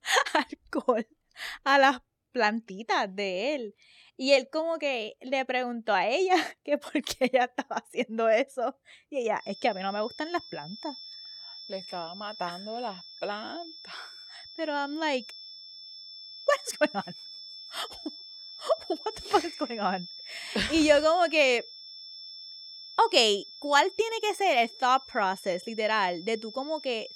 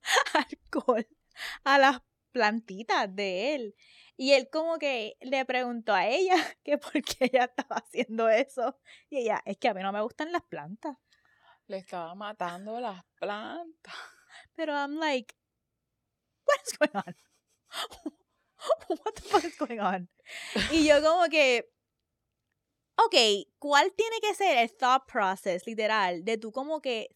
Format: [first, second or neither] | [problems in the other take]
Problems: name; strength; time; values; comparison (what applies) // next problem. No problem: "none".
second | high-pitched whine; noticeable; from 9.5 s on; 5.5 kHz, 15 dB below the speech